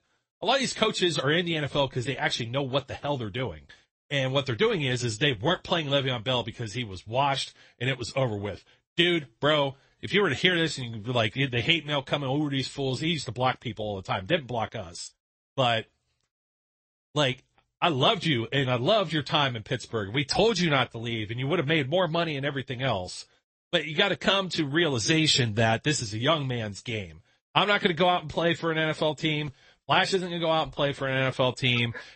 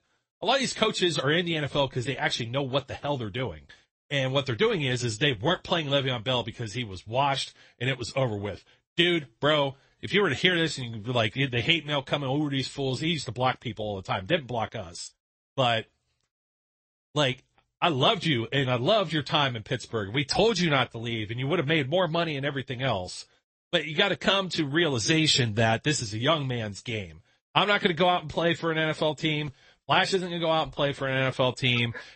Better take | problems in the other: neither | garbled, watery; slightly; nothing above 8 kHz; the same in both

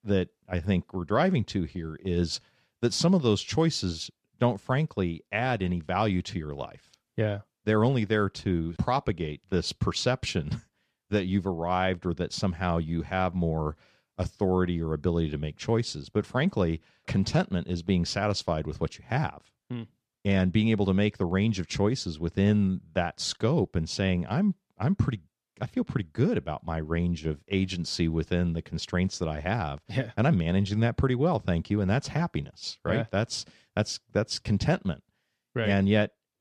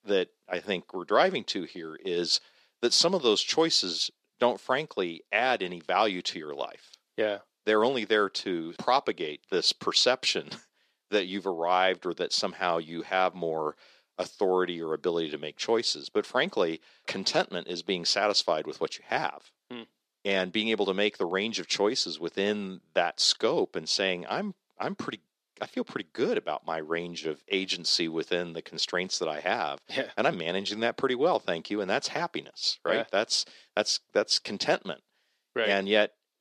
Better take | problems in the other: first | thin; somewhat; fading below 350 Hz

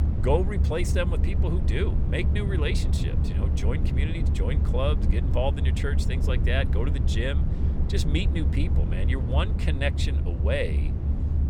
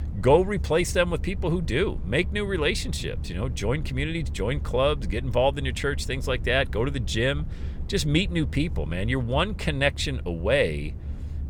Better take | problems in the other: second | low rumble; loud; throughout; 7 dB below the speech; faint in the second

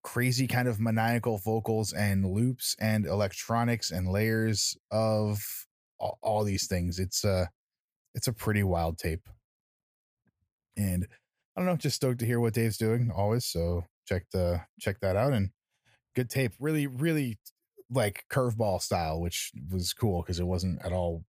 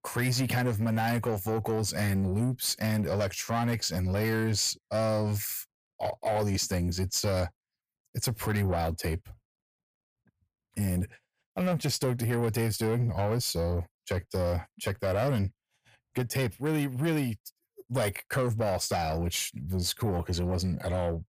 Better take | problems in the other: first | distortion; slight; 10 dB below the speech

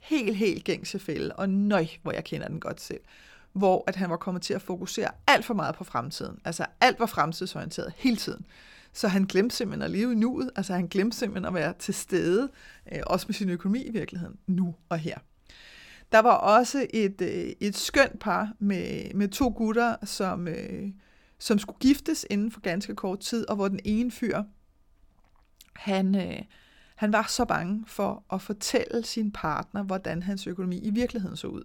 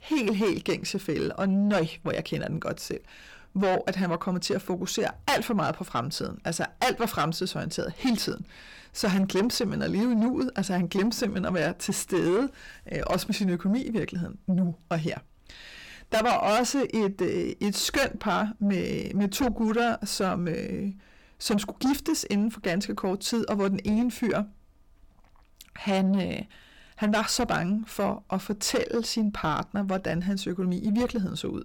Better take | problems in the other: first | distortion; heavy; 7 dB below the speech

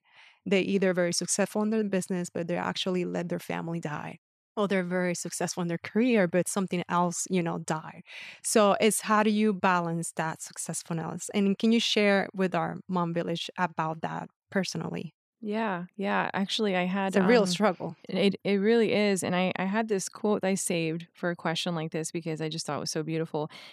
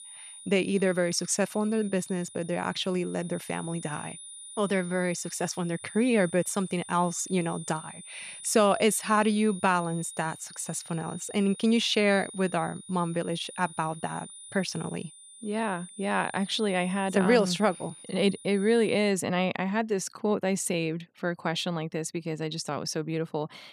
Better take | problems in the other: first | high-pitched whine; noticeable; until 19 s; 9.5 kHz, 15 dB below the speech

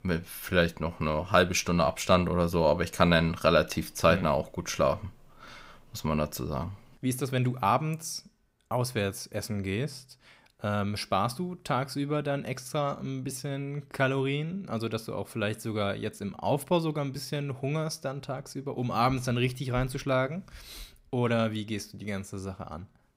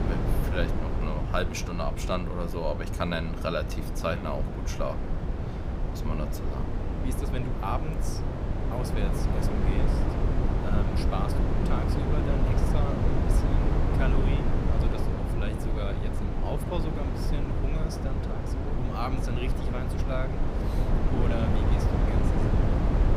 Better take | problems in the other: first | low rumble; loud; throughout; as loud as the speech

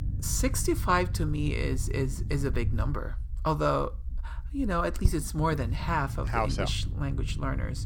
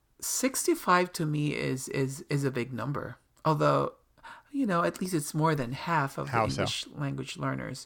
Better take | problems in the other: second | low rumble; noticeable; throughout; 20 dB below the speech

